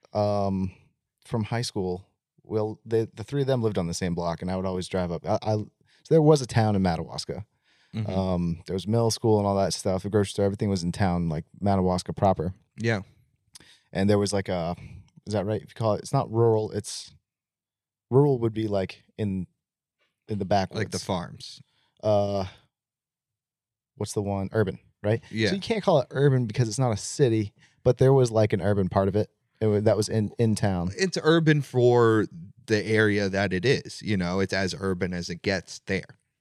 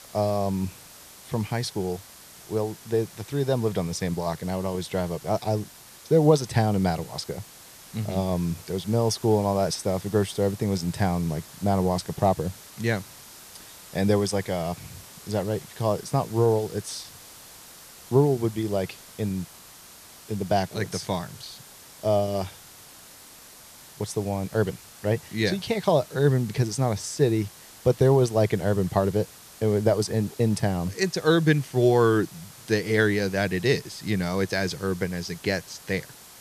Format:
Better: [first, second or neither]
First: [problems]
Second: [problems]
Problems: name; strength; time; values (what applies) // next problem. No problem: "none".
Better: first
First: none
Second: hiss; noticeable; throughout; 20 dB below the speech